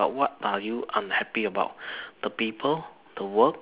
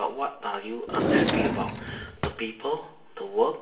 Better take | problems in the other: first | background sound (Drawer open or close); 3 dB above the speech // room echo; dies away in 0.7 s

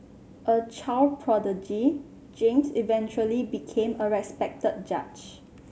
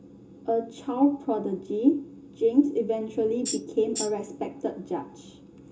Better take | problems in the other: first | background sound (Tambourine); 7 dB below the speech // room echo; dies away in 0.2 s

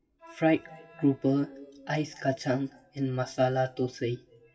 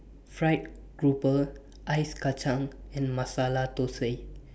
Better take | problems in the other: second | noise reduction (classical method WPE with log-MMSE)

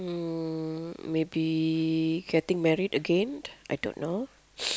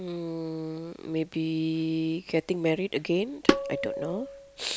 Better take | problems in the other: first | background sound (Tabla); 2 dB above the speech

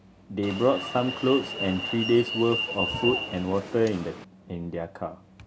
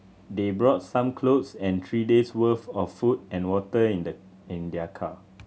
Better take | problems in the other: second | background sound (Alarm); 6 dB below the speech

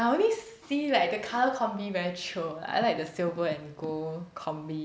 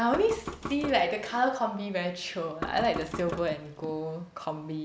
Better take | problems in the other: first | background sound (Knock); 12 dB below the speech

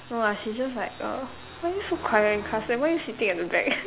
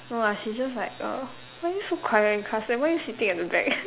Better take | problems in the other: second | background sound (Car passing by + Cricket); 18 dB below the speech

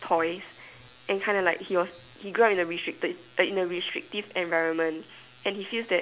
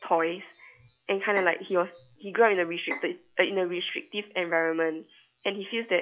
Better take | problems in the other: first | noise reduction (classical method log-MMSE)

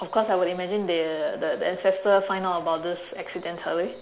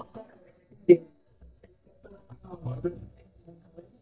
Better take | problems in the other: first | noise reduction (neural mask model DeepFilterNet 3)

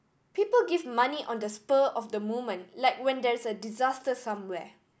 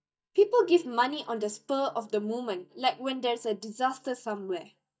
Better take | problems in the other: first | noise reduction (neural mask model DeepFilterNet 3)

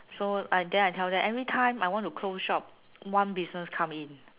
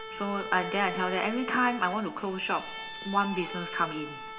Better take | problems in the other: first | background sound (Bowed string instrument); 9 dB below the speech // room echo; dies away in 1.7 s

